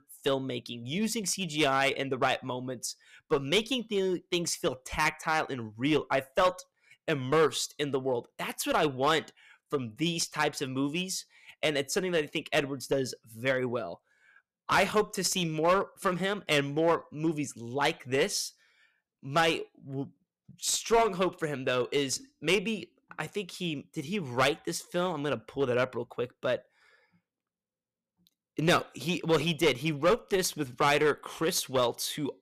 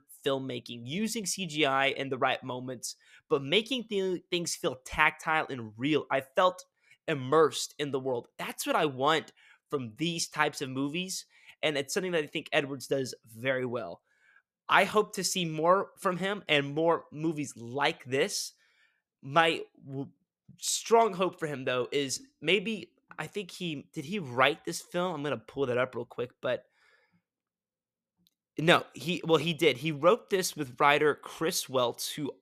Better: second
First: distortion; slight; 3% of the sound clipped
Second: none

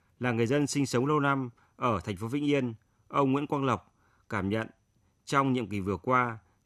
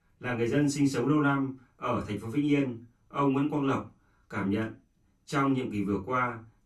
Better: first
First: none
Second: off-mic speech; far // room echo; very slight; dies away in 0.2 s

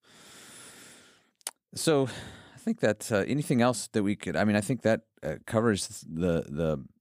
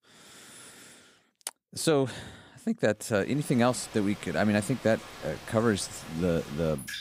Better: first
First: none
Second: rain or running water; noticeable; from 3.5 s on; 15 dB below the speech

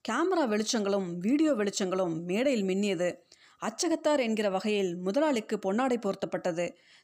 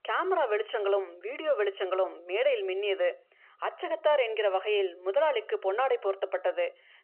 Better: first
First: none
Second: phone-call audio; nothing above 3 kHz

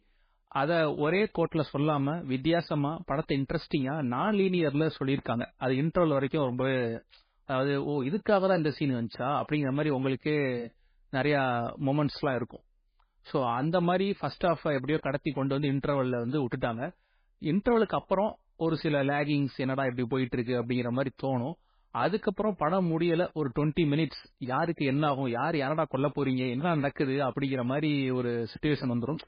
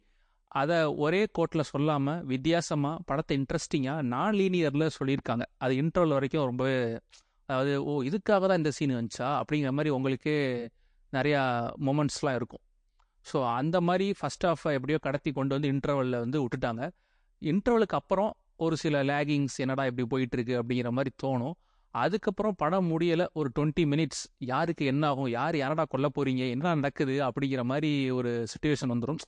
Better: second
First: garbled, watery; badly; nothing above 4 kHz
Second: garbled, watery; slightly; nothing above 8.5 kHz

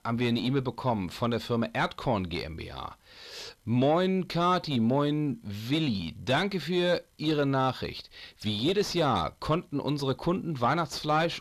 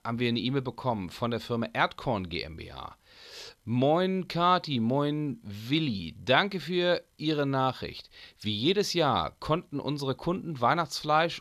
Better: second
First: distortion; slight; 10 dB below the speech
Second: none

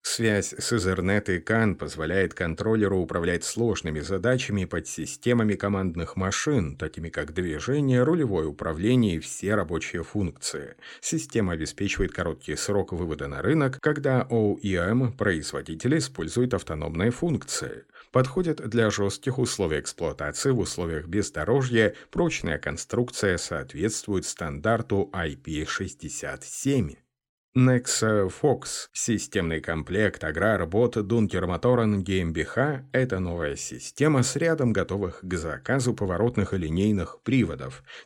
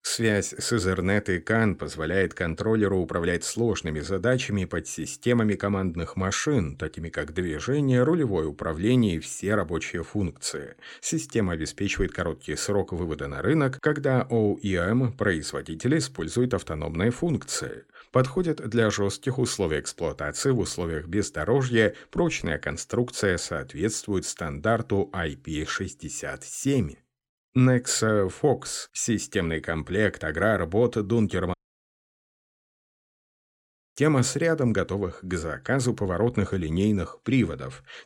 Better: first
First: none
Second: audio cutting out; at 32 s for 2.5 s

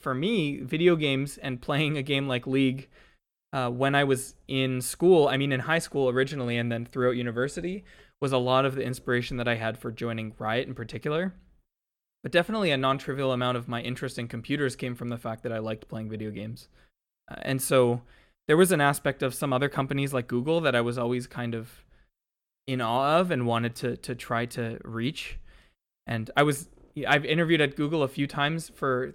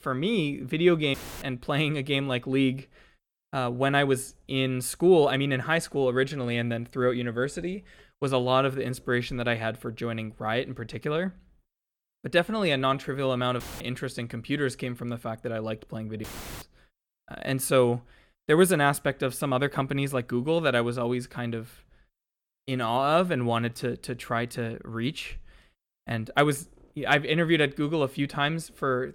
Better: first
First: none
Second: audio cutting out; filled with static; at 1 s, at 14 s and at 16 s

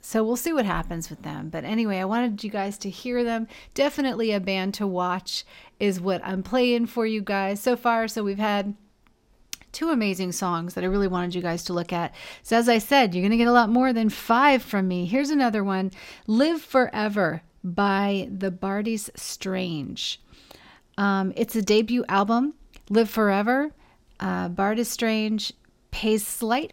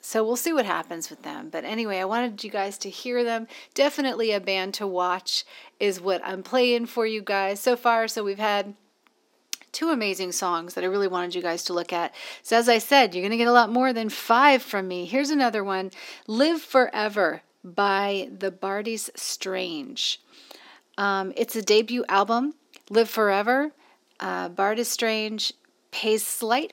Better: first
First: none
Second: thin; very slightly; fading below 300 Hz

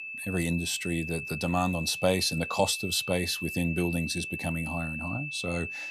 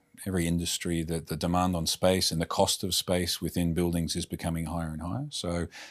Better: second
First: high-pitched whine; loud; throughout; 2.5 kHz, 6 dB below the speech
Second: none

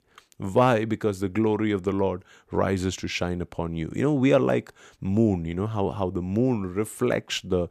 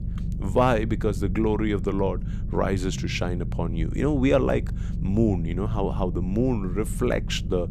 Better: first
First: none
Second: low rumble; noticeable; throughout; 15 dB below the speech

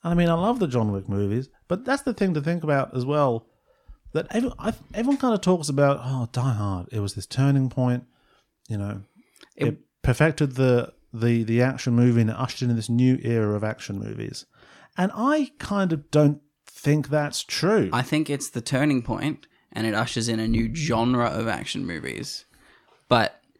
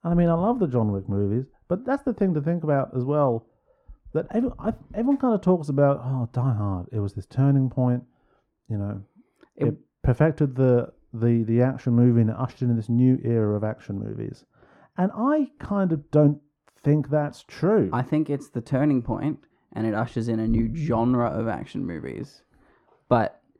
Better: first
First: none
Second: muffled; very; fading above 2 kHz

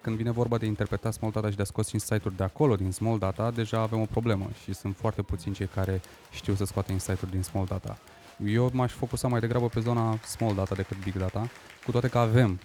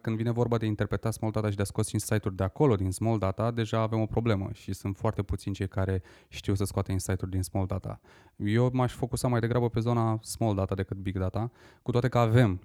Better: second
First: crowd noise; faint; throughout; 20 dB below the speech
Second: none

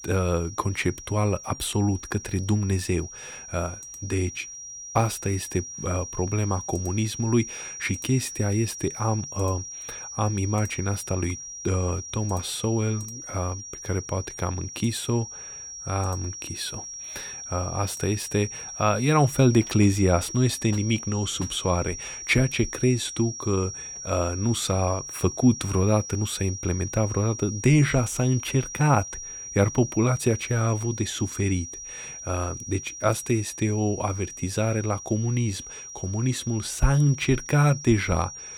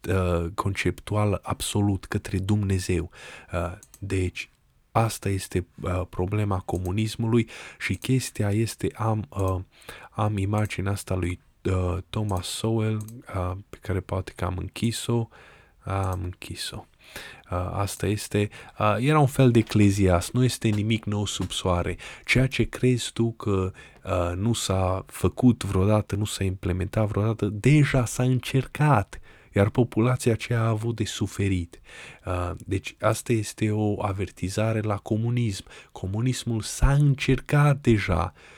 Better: second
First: high-pitched whine; loud; throughout; 5.5 kHz, 10 dB below the speech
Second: none

